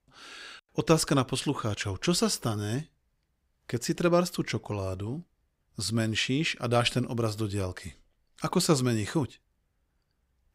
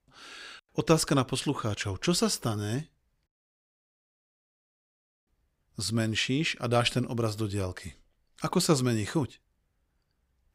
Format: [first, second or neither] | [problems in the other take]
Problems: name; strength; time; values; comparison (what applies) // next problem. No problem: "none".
first | audio cutting out; at 3.5 s for 2 s